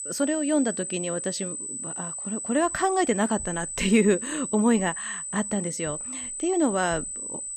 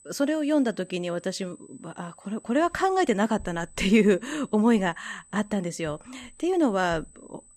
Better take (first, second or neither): second